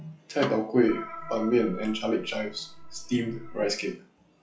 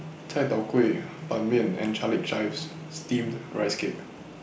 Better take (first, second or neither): second